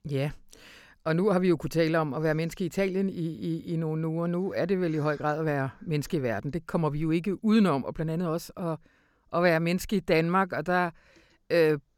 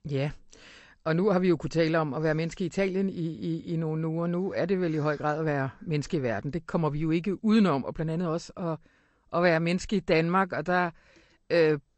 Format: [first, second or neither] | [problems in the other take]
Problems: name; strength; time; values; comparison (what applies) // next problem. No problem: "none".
first | garbled, watery; slightly; nothing above 8 kHz